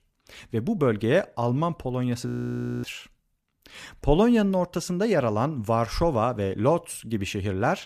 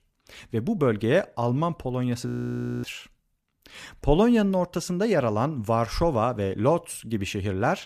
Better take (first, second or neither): neither